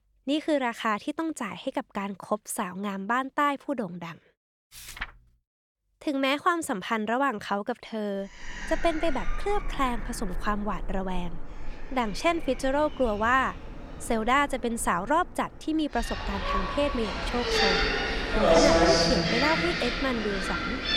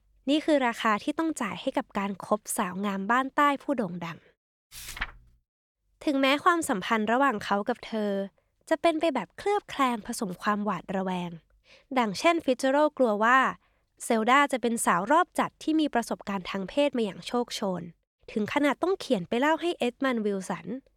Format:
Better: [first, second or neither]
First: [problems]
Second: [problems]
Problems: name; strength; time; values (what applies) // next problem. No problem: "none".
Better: second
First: animal sounds; very loud; from 8.5 s on; 2 dB above the speech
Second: none